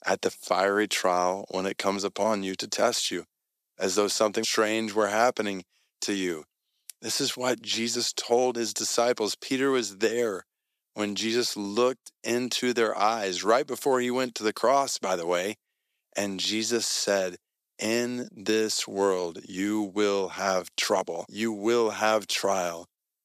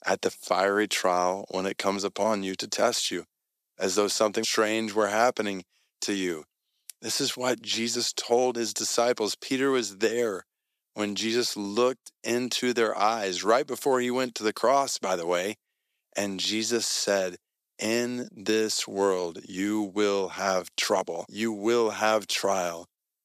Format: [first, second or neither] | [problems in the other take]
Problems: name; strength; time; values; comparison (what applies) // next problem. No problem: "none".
neither | thin; somewhat; fading below 300 Hz; the same in both